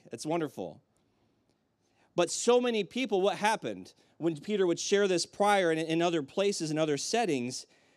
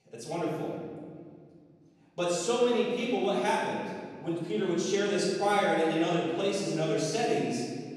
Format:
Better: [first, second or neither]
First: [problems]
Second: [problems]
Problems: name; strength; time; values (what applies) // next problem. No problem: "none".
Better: first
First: none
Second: room echo; strong; dies away in 1.9 s // off-mic speech; far